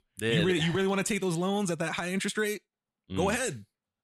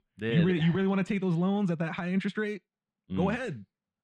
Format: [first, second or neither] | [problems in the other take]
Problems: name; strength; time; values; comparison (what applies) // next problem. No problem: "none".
first | muffled; slightly; fading above 2.5 kHz